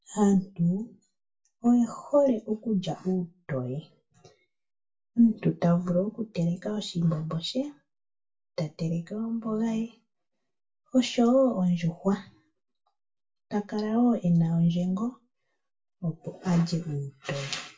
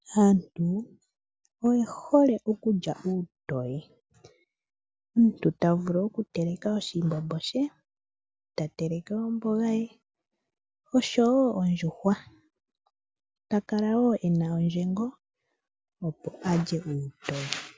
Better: second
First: room echo; dies away in 0.2 s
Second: none

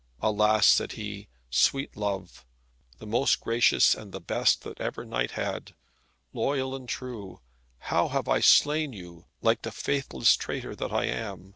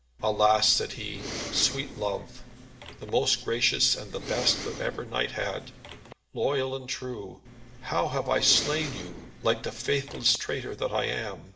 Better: first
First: none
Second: background sound (Respiratory sounds); 11 dB below the speech // room echo; dies away in 0.6 s

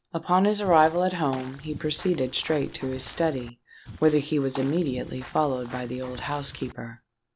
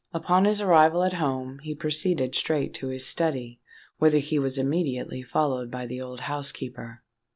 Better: second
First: background sound (Walk, footsteps / Bird vocalization, bird call, bird song); 16 dB below the speech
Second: none

